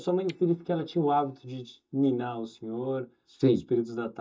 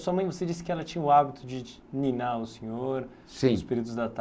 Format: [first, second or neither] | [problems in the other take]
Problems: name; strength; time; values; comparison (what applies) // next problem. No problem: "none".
second | noise reduction (neural mask model DeepFilterNet 3)